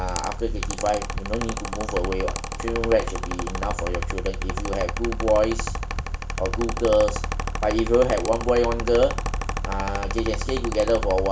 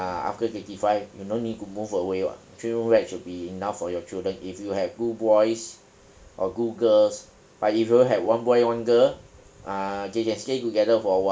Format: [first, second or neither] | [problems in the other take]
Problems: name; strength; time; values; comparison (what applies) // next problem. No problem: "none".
second | background sound (Mechanical fan); 2 dB below the speech